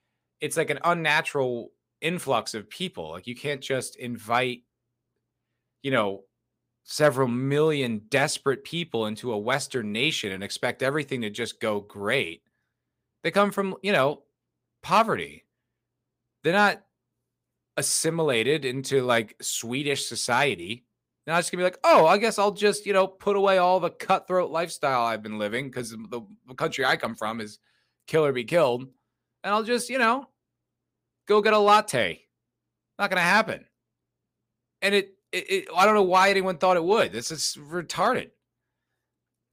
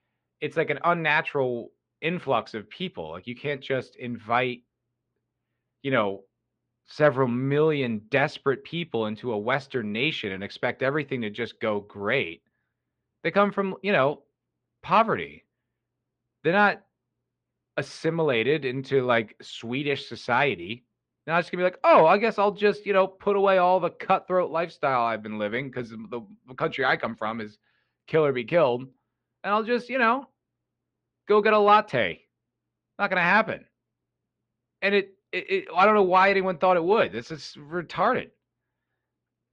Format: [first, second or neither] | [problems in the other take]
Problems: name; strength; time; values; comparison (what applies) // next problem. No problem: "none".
first | muffled; slightly; fading above 3 kHz